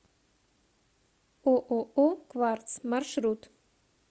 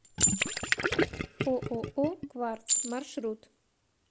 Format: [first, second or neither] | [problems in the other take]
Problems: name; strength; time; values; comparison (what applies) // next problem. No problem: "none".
first | background sound (Gurgling + Chink, clink); 4 dB above the speech